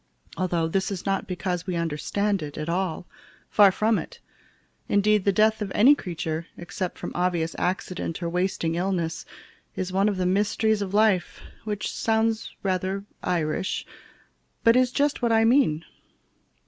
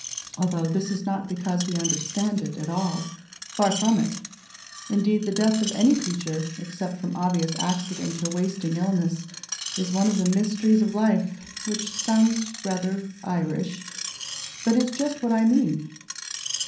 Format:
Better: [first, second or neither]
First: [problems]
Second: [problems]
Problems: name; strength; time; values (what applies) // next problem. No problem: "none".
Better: first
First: none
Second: background sound (Screech); 11 dB below the speech // room echo; dies away in 0.6 s